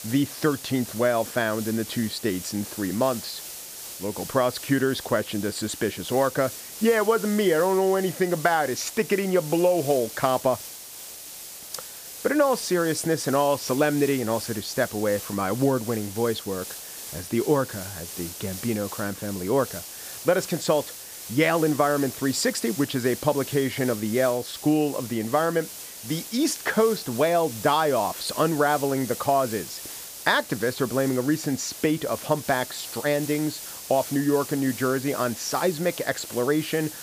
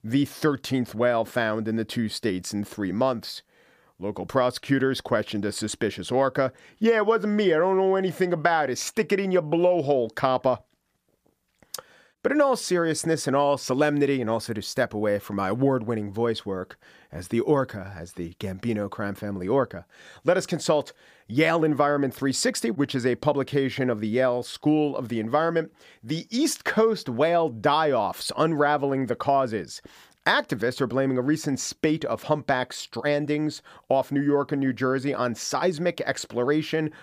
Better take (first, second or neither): second